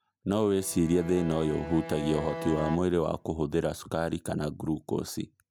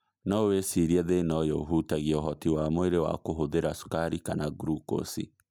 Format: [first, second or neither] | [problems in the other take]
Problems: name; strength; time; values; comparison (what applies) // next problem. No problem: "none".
second | background sound (Bowed string instrument); 11 dB below the speech